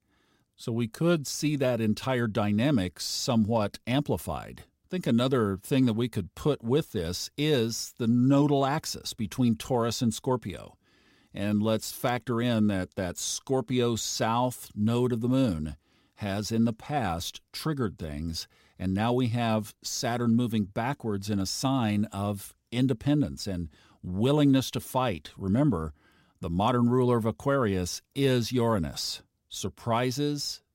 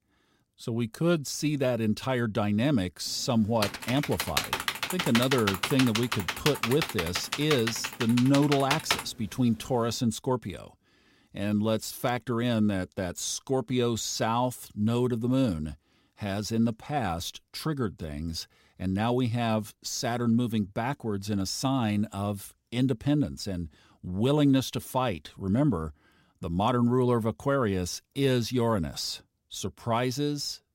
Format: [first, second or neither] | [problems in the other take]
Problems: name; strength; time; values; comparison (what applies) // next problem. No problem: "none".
first | keyboard typing; loud; from 3.5 to 9 s; peak level with the speech